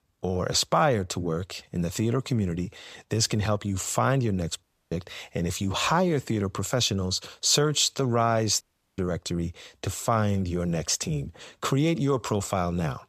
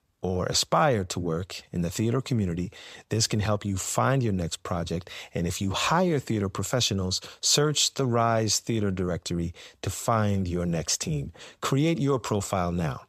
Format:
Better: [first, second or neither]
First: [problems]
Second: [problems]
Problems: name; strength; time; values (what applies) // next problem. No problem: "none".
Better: second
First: audio cutting out; at 4.5 s and at 8.5 s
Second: none